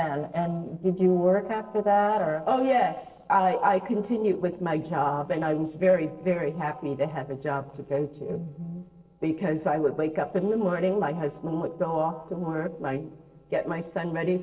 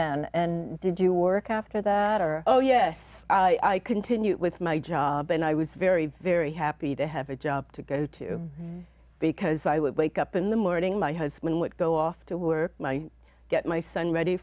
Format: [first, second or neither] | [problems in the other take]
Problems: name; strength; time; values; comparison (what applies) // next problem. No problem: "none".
second | noise reduction (neural separator model SepFormer DNS4)